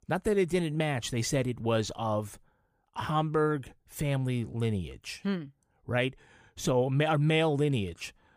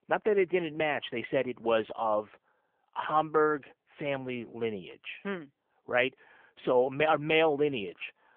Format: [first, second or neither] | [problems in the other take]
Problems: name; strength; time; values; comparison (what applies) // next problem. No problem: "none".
first | phone-call audio; nothing above 3 kHz